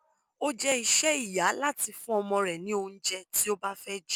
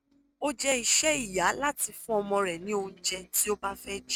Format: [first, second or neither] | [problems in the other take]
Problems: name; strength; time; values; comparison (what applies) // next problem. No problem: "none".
first | noise reduction (neural mask model RNNoise)